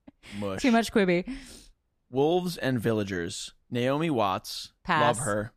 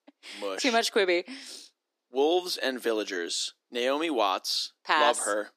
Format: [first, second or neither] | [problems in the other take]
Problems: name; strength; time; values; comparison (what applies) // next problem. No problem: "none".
first | thin; somewhat; fading below 300 Hz